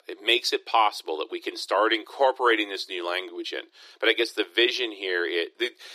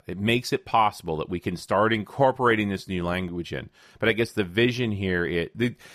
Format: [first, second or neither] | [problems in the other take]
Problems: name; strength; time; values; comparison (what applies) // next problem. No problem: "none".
second | thin; very; fading below 300 Hz